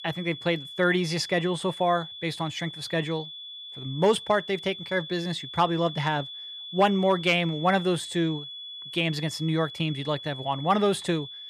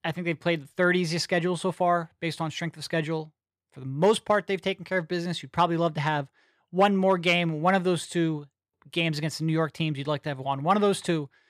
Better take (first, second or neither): second